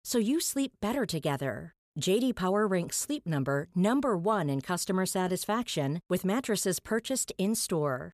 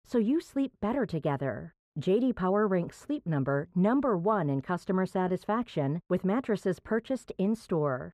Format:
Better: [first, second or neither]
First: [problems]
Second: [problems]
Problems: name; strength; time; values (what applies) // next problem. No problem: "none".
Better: first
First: none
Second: muffled; very; fading above 3.5 kHz